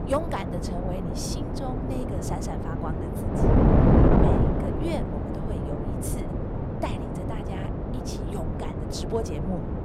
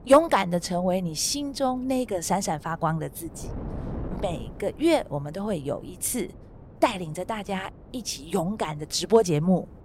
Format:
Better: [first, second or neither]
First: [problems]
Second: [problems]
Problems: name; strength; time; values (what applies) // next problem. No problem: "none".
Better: second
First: wind noise on the microphone; heavy; 5 dB above the speech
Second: wind noise on the microphone; occasional gusts; 20 dB below the speech